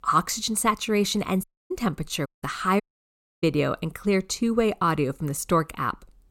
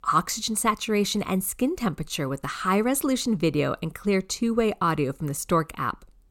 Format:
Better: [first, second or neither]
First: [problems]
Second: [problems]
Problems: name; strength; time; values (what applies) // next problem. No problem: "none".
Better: second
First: audio cutting out; at 1.5 s, at 2.5 s and at 3 s for 0.5 s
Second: none